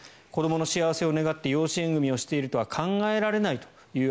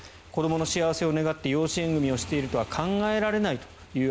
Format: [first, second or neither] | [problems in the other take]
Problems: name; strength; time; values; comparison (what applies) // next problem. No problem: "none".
first | background sound (Motorcycle / Engine); 17 dB below the speech